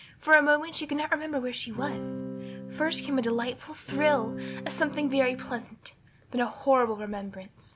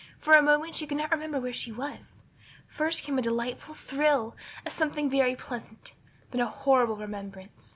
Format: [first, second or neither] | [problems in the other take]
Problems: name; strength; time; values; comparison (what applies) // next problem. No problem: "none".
second | background sound (Electric guitar / Strum); 9 dB below the speech